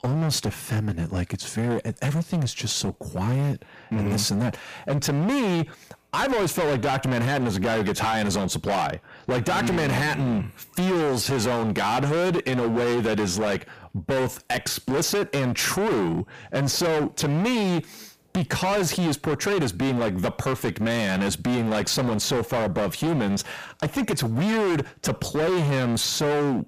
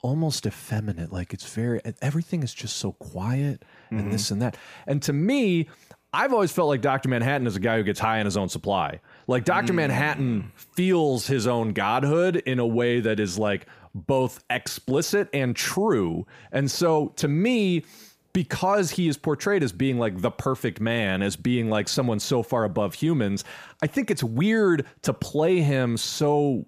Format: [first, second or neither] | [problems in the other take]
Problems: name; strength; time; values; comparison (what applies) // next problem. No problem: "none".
second | distortion; heavy; 30% of the sound clipped